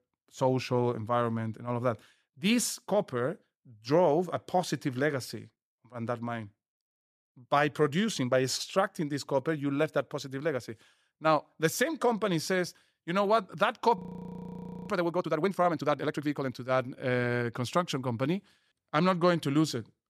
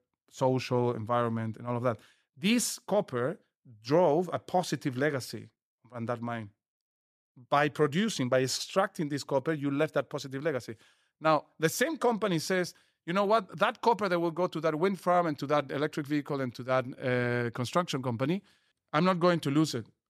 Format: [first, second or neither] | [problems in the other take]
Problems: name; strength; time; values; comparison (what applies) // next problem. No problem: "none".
second | audio freezing; at 14 s for 1 s